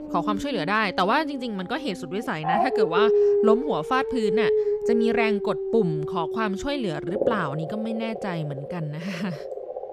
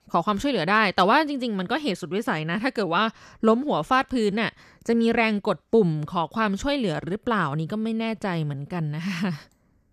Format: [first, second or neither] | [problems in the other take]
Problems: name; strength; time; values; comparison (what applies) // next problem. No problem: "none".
second | animal sounds; very loud; throughout; 1 dB above the speech